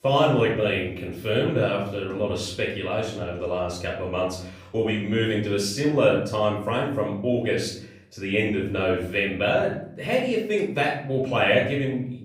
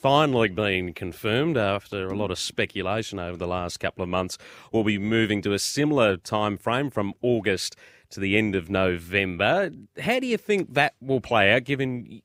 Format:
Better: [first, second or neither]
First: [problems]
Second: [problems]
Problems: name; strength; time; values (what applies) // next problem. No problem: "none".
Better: second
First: off-mic speech; far // room echo; noticeable; dies away in 0.7 s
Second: none